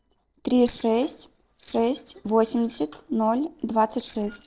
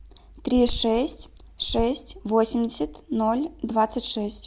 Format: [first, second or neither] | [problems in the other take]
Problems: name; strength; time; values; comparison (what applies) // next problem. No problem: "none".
second | noise reduction (neural separator model SepFormer DNS4)